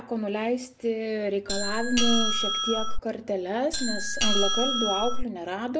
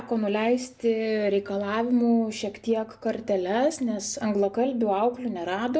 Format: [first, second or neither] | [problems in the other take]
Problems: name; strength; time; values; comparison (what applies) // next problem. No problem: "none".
second | background sound (Doorbell); 4 dB above the speech